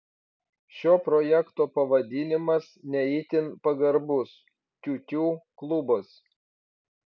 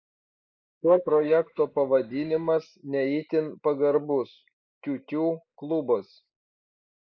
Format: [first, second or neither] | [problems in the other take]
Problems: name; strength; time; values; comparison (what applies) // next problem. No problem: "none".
first | noise reduction (neural mask model Resemble Enhance denoiser)